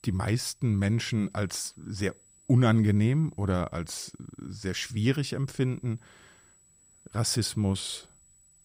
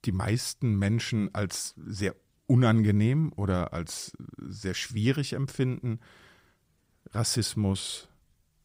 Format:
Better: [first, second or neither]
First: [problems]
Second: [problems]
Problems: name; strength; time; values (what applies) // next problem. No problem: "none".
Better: second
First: high-pitched whine; faint; throughout; 8 kHz, 30 dB below the speech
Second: none